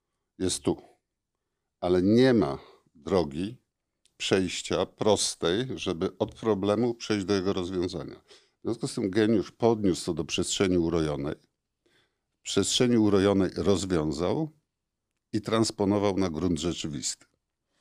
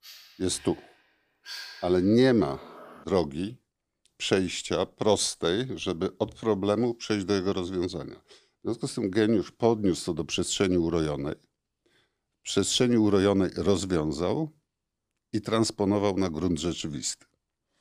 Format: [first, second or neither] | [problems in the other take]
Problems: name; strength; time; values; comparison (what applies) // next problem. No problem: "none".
first | dog barking; faint; until 3 s; peak 10 dB below the speech